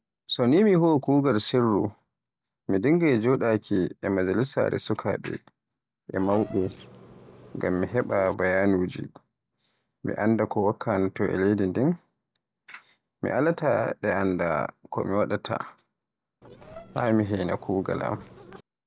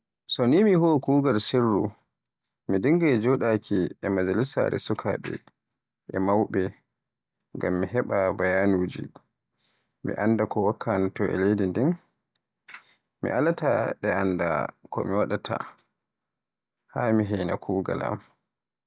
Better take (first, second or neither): second